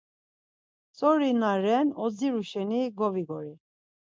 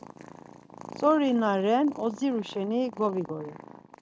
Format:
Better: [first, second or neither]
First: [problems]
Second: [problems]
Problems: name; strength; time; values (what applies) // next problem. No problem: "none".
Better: first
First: none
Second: noise reduction (neural mask model RNNoise)